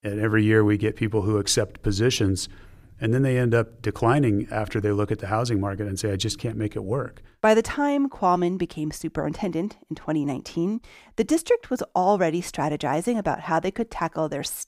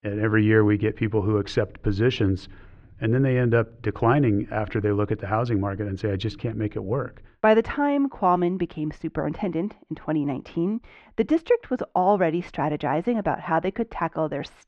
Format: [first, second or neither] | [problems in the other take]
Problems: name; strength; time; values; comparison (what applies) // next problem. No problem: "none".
first | muffled; very; fading above 3 kHz